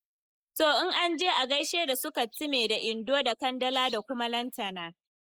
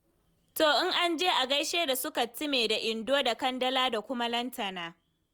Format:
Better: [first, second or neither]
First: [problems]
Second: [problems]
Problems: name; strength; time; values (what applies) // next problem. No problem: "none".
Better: second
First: noise reduction (neural mask model Resemble Enhance denoiser)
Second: none